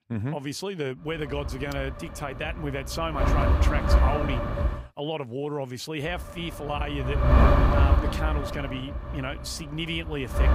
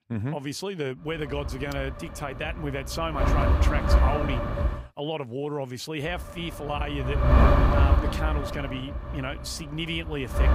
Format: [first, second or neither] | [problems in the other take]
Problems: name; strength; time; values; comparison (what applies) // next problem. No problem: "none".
neither | wind noise on the microphone; heavy; from 1 to 5 s and from 6 s on; 3 dB above the speech; the same in both